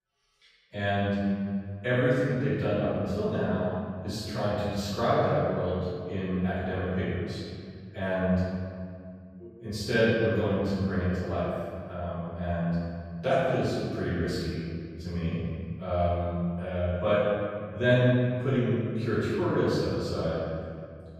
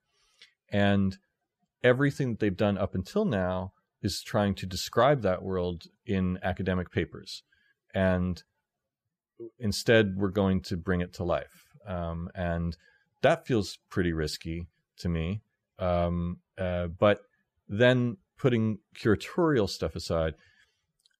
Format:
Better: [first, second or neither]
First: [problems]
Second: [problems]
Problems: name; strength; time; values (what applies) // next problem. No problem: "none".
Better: second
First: off-mic speech; far // room echo; strong; dies away in 2.2 s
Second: none